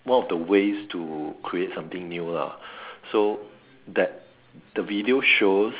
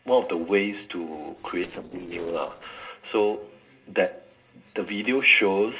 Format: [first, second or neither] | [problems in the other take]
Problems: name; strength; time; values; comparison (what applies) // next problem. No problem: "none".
first | noise reduction (neural separator model SepFormer DNS4)